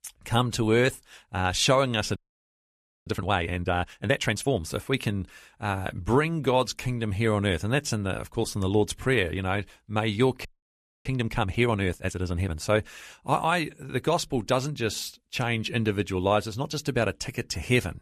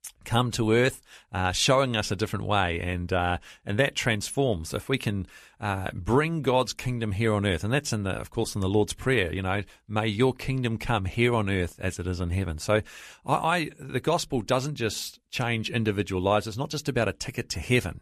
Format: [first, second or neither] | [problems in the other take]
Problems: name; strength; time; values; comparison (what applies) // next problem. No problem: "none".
second | audio freezing; at 2 s for 1 s and at 10 s for 0.5 s